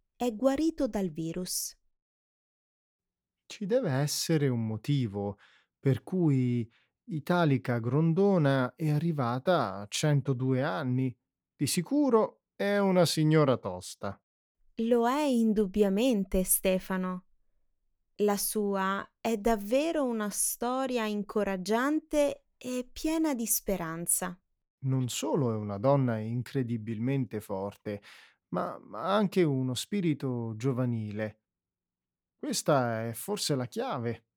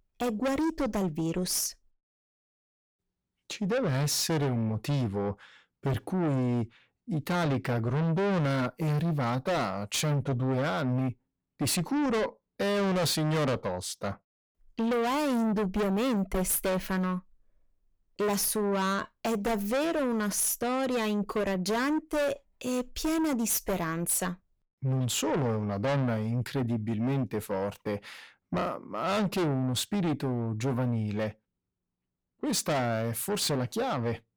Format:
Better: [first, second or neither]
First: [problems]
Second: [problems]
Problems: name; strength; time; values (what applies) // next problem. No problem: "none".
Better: first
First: none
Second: distortion; heavy; 6 dB below the speech